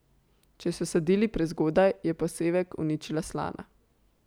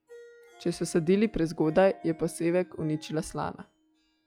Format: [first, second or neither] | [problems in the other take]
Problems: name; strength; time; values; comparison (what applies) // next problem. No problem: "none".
first | noise reduction (classical method log-MMSE)